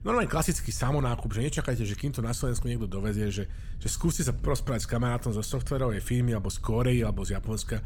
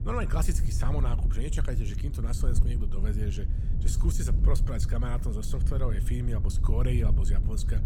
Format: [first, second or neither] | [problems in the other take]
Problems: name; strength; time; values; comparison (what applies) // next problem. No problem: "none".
first | low rumble; loud; throughout; 7 dB below the speech; faint in the first